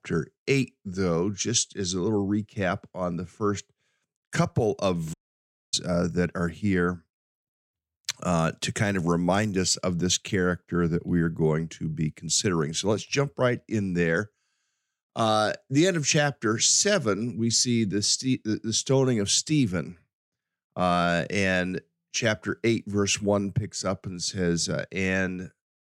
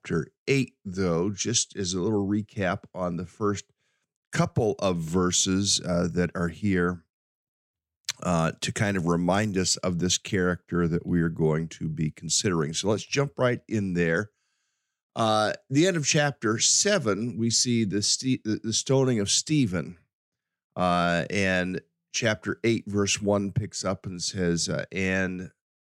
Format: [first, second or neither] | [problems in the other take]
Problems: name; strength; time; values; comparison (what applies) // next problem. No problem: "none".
second | audio cutting out; at 5 s for 0.5 s